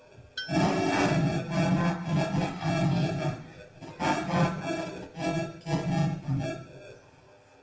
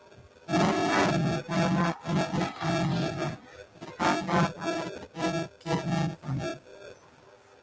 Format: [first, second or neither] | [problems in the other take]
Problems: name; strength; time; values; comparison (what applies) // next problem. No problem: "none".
second | background sound (Tools); 20 dB below the speech // room echo; dies away in 0.7 s